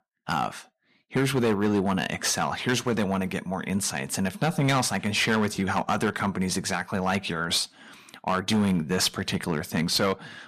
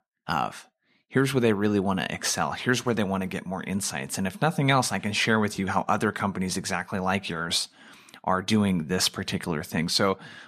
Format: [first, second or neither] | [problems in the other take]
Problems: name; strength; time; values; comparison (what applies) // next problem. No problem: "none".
second | distortion; slight; 6% of the sound clipped